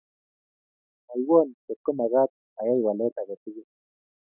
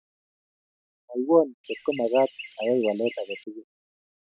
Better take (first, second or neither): first